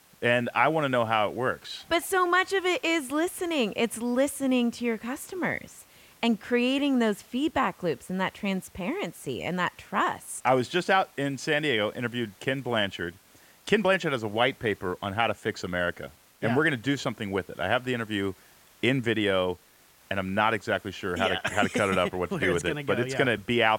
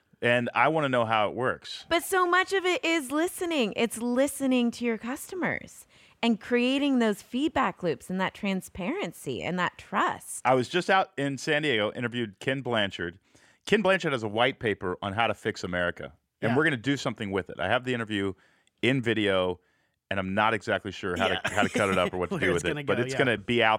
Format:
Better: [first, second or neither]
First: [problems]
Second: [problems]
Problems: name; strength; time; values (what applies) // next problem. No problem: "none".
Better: second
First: hiss; faint; throughout; 30 dB below the speech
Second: none